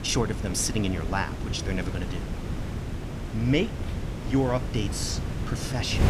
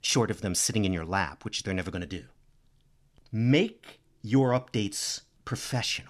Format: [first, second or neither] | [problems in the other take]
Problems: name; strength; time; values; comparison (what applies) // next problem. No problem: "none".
second | wind noise on the microphone; heavy; 8 dB below the speech